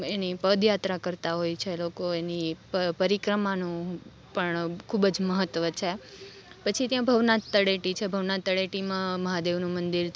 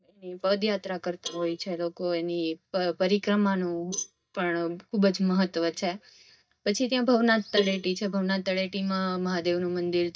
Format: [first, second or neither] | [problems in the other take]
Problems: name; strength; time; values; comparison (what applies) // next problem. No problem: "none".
first | noise reduction (neural mask model DeepFilterNet 3)